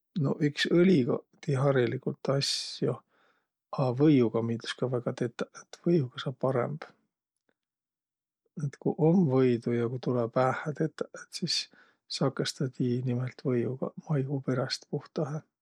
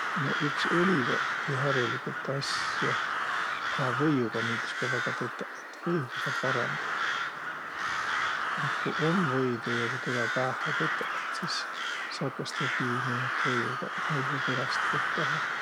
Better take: first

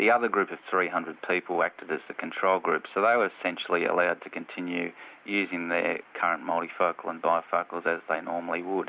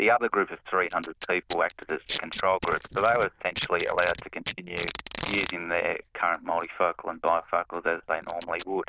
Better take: first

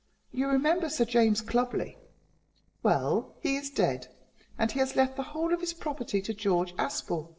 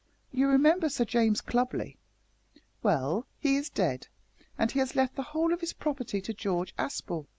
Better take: second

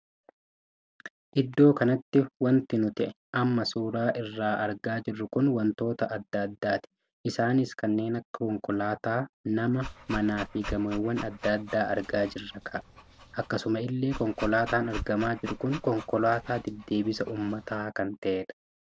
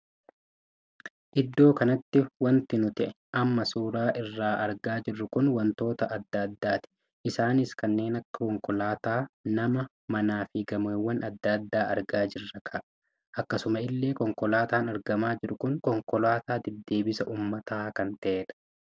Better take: second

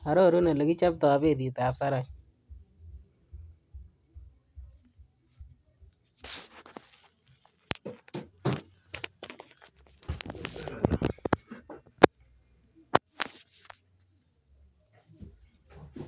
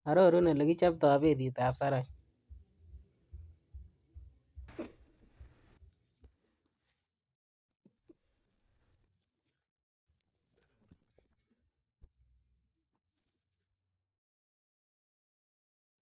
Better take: first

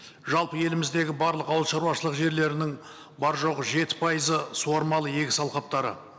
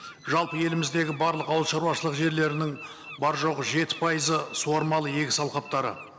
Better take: first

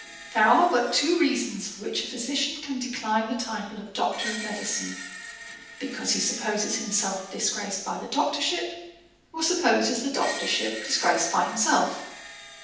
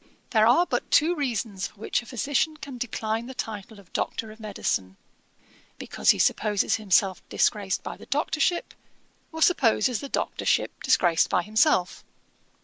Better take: second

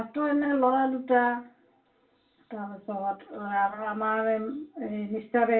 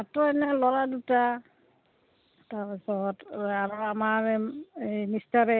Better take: second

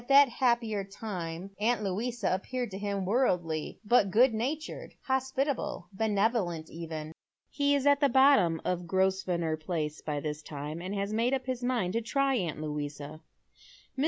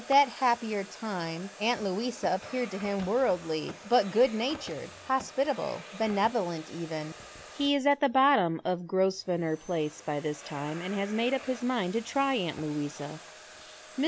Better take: first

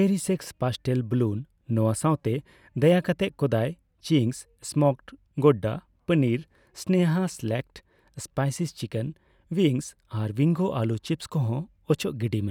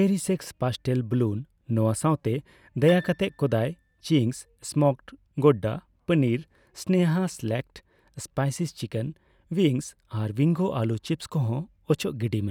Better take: first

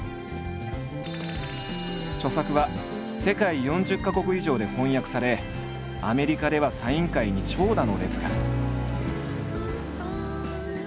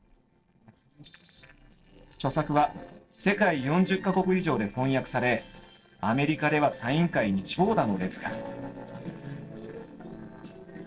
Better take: first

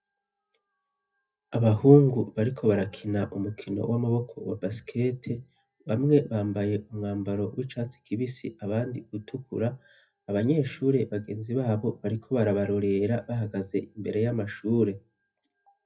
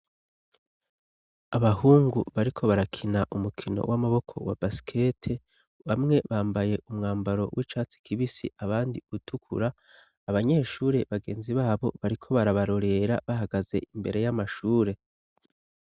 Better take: second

